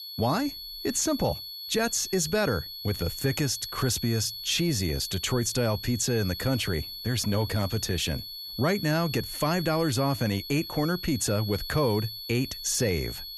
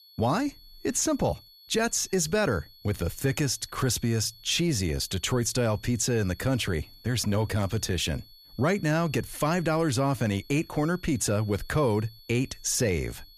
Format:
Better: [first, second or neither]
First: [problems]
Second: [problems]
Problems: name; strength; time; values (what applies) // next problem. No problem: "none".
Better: second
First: high-pitched whine; loud; throughout; 4.5 kHz, 8 dB below the speech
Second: high-pitched whine; faint; throughout; 4.5 kHz, 25 dB below the speech